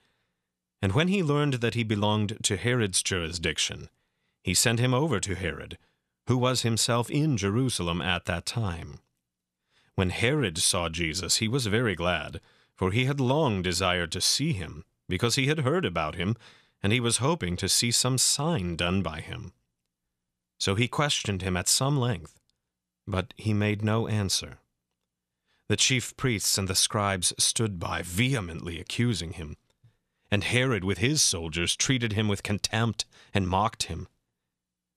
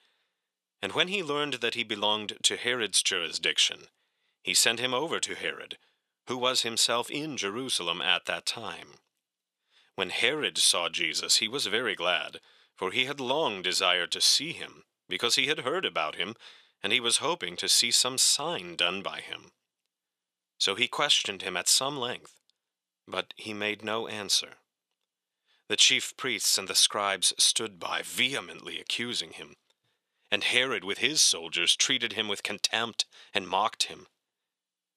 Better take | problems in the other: first | thin; somewhat; fading below 400 Hz

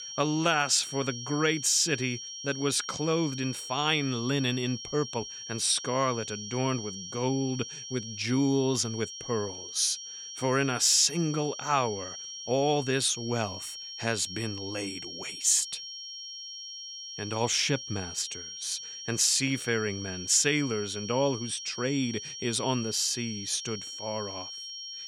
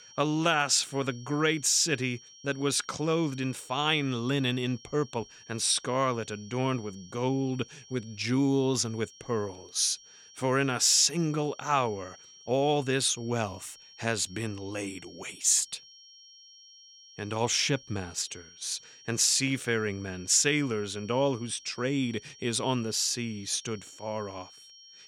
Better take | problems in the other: second | high-pitched whine; loud; throughout; 5.5 kHz, 9 dB below the speech; faint in the second

